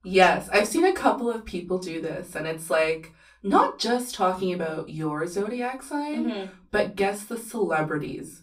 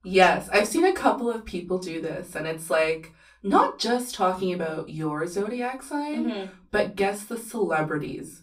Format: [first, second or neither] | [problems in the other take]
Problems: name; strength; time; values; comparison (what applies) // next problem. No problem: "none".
neither | off-mic speech; far; the same in both // room echo; very slight; dies away in 0.2 s; the same in both